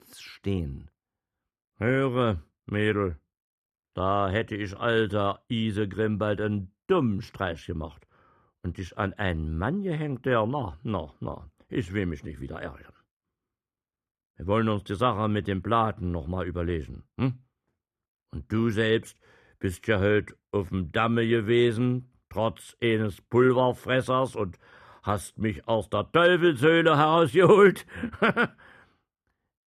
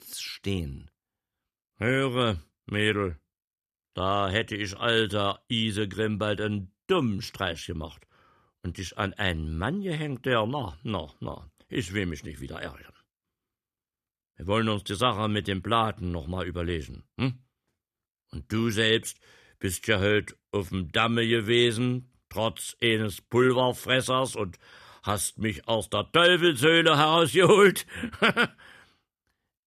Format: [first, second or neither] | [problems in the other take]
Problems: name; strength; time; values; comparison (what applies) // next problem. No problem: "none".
second | muffled; slightly; fading above 2.5 kHz